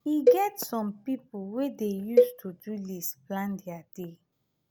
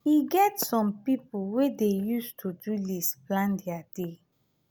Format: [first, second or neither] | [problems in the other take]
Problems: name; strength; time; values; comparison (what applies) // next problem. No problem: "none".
second | background sound (Cowbell); 4 dB above the speech